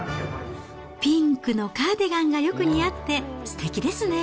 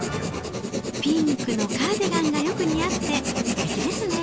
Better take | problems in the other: first | background sound (Writing); 1 dB below the speech

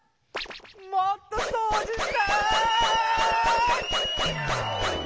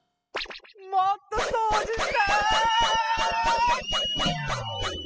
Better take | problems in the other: first | noise reduction (classical method spectral subtraction)

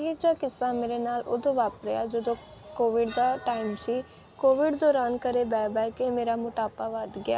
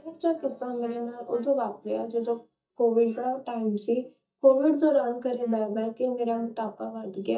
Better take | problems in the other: first | noise reduction (neural mask model DeepFilterNet 3)

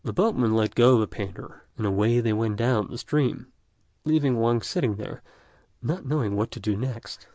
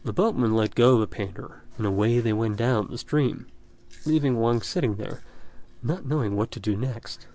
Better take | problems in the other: first | background sound (Chewing, mastication); 15 dB below the speech

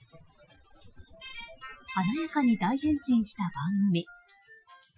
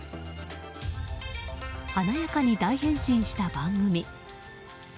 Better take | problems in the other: second | noise reduction (classical method Wiener filter)

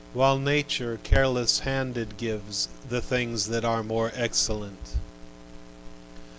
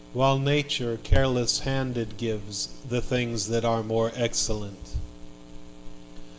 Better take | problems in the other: first | room echo; dies away in 0.9 s

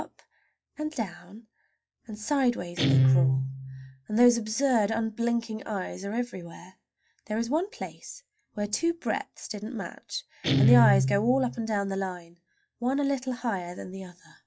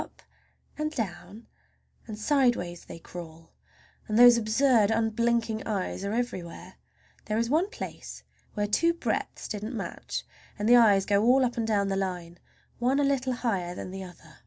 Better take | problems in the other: second | noise reduction (classical method log-MMSE)

